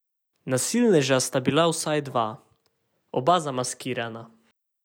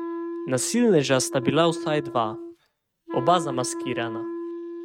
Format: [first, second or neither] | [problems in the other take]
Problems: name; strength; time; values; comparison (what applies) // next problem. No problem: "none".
first | noise reduction (neural mask model RNNoise)